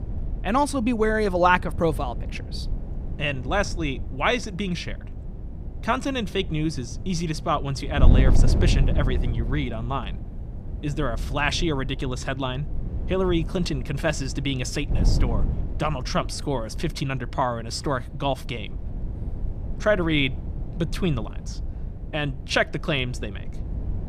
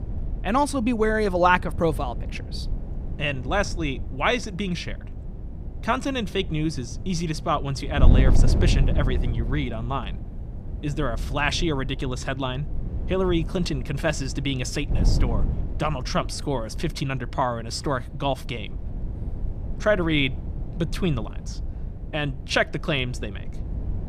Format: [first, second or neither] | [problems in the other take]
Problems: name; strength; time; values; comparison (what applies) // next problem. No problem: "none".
neither | wind noise on the microphone; occasional gusts; 15 dB below the speech; the same in both